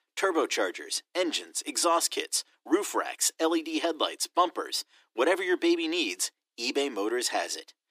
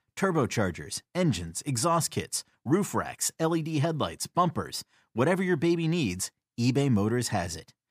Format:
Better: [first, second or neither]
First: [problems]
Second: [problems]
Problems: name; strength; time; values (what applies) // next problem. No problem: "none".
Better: second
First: thin; very; fading below 300 Hz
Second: none